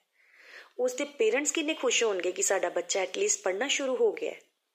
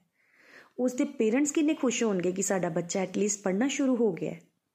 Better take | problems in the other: second | thin; very; fading below 400 Hz

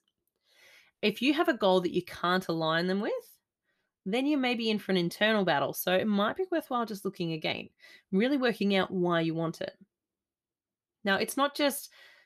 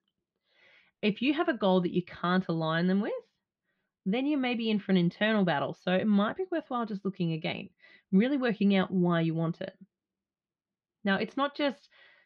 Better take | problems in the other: first | muffled; very slightly; fading above 3.5 kHz

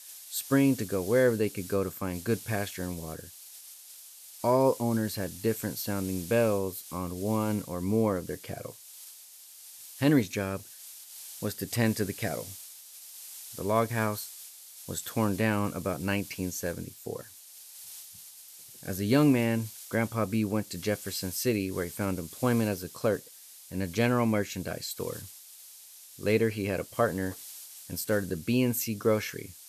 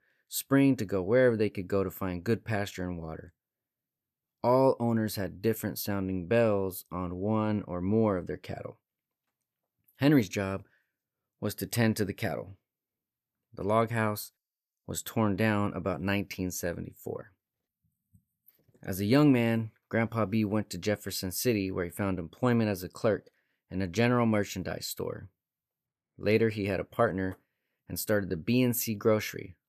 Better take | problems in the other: second | hiss; noticeable; throughout; 15 dB below the speech

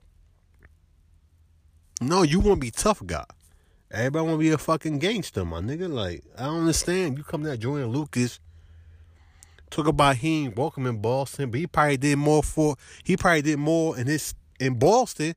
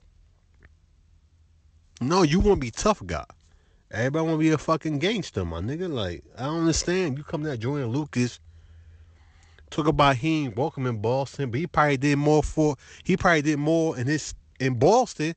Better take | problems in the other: first | garbled, watery; slightly; nothing above 7.5 kHz

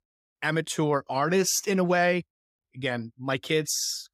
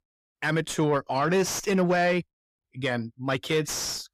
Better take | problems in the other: first | distortion; slight; 10 dB below the speech

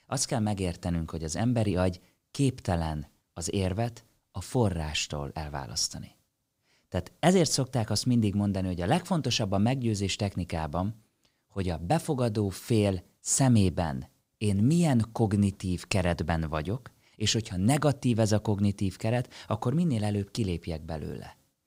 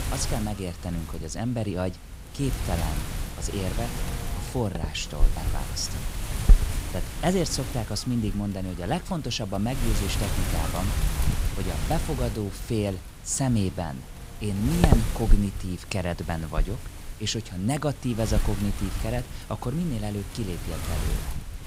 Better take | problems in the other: first | wind noise on the microphone; heavy; 5 dB below the speech

